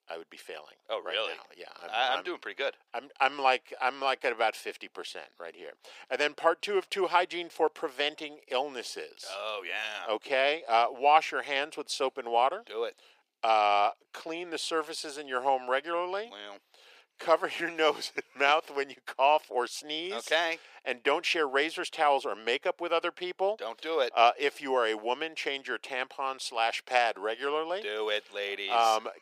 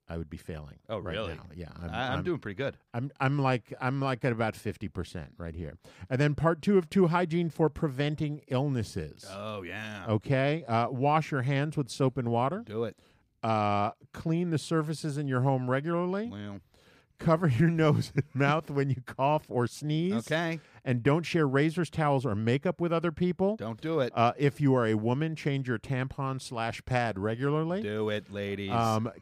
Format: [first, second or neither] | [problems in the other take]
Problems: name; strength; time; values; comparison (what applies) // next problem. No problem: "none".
second | thin; very; fading below 400 Hz